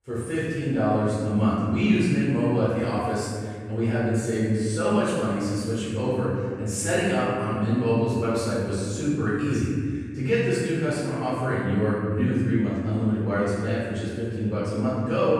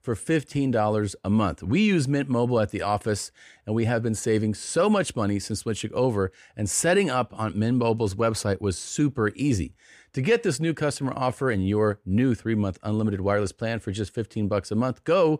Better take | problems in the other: second | off-mic speech; far // room echo; strong; dies away in 1.9 s

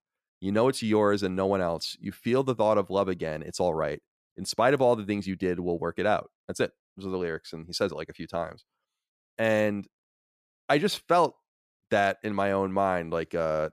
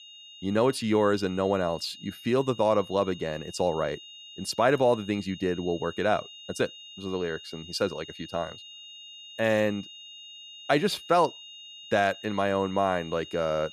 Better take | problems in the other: first | high-pitched whine; noticeable; throughout; 3 kHz, 15 dB below the speech

